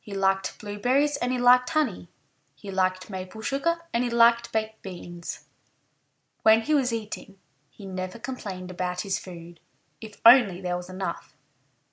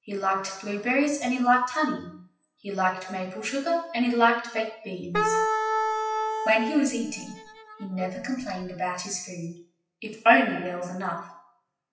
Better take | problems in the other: first | noise reduction (classical method WPE with log-MMSE)

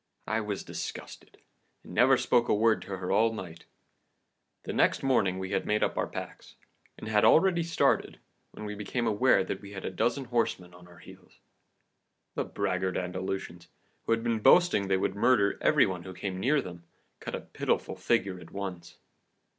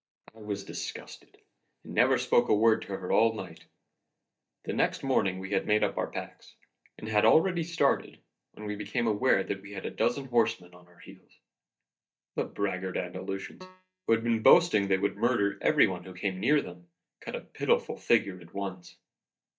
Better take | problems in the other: first | noise reduction (neural mask model DeepFilterNet 3)

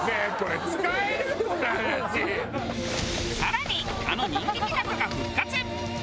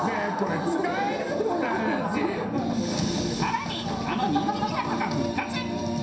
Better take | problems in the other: first | room echo; dies away in 0.7 s

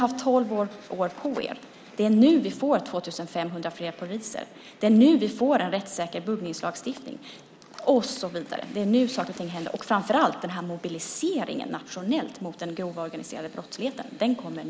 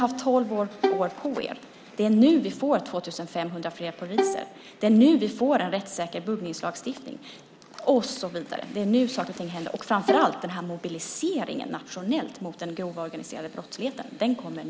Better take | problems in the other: first | background sound (Bowed string instrument); 4 dB below the speech

